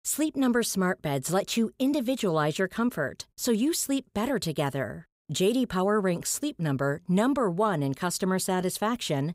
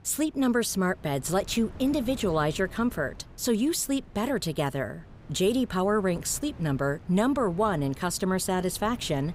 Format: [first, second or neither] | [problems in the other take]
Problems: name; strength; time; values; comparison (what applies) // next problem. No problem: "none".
first | wind noise on the microphone; occasional gusts; 25 dB below the speech